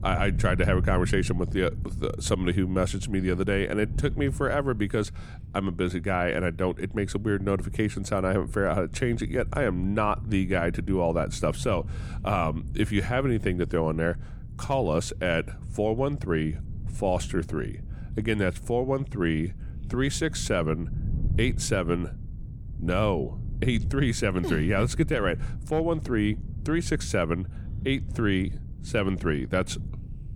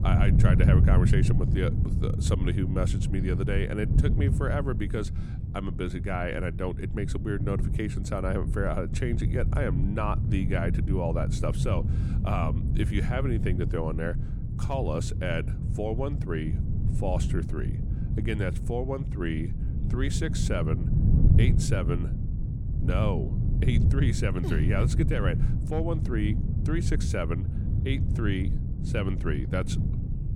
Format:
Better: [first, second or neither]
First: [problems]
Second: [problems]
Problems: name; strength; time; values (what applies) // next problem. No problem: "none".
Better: first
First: wind noise on the microphone; occasional gusts; 20 dB below the speech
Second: wind noise on the microphone; heavy; 6 dB below the speech